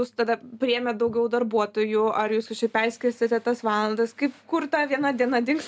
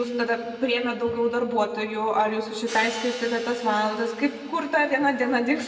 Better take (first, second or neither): first